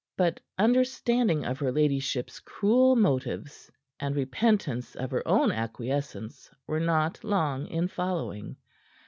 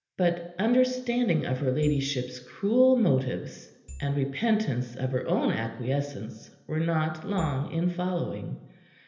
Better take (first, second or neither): first